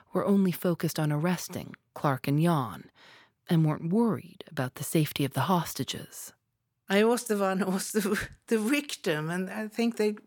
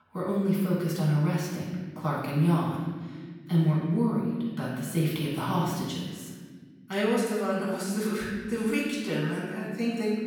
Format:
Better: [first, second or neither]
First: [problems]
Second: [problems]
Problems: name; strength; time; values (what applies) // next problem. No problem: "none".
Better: first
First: none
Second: off-mic speech; far // room echo; noticeable; dies away in 1.5 s